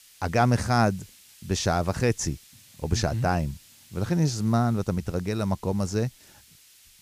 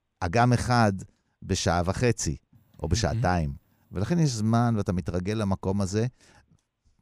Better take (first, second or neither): second